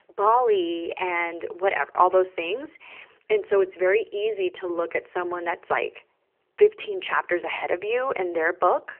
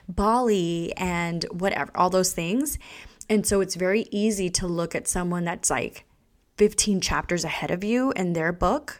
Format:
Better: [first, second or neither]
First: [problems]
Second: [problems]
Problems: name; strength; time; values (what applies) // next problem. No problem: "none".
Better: second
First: phone-call audio; nothing above 3 kHz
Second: none